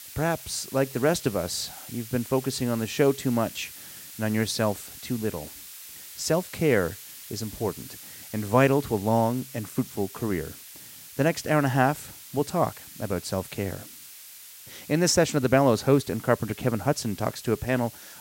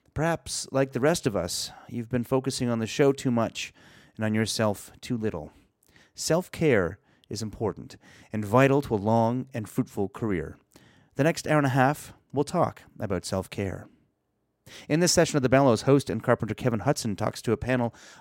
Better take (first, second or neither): second